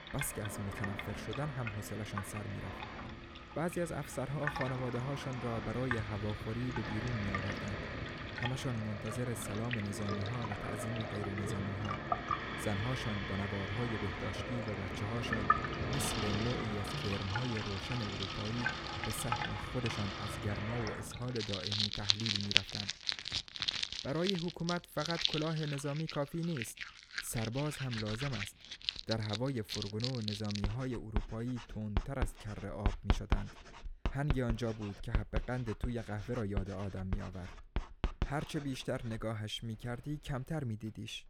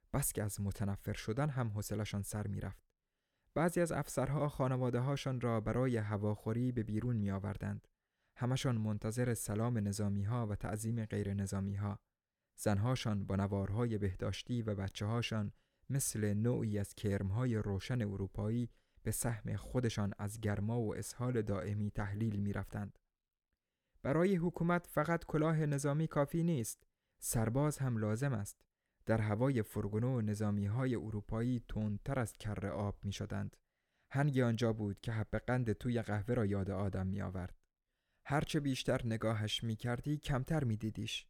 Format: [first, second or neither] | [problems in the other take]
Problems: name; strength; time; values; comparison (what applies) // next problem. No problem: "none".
second | household noises; very loud; throughout; 1 dB above the speech